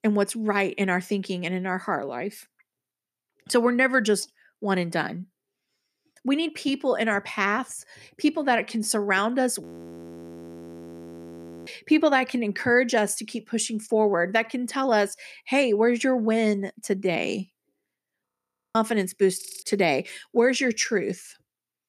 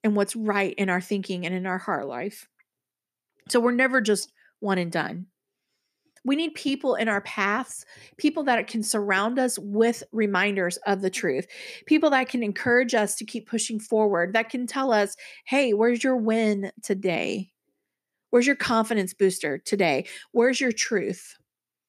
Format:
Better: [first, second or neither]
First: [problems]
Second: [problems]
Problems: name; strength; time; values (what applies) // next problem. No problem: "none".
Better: second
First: audio freezing; at 9.5 s for 2 s, at 18 s and at 19 s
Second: none